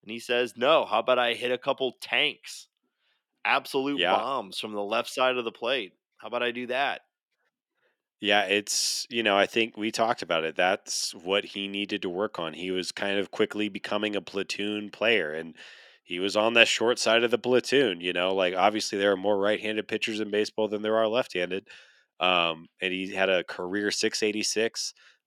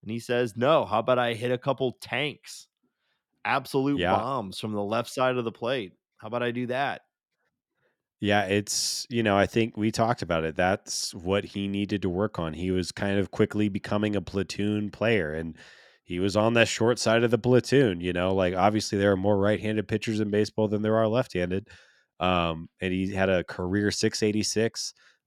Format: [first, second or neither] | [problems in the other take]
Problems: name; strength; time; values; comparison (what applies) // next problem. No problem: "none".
second | thin; very slightly; fading below 300 Hz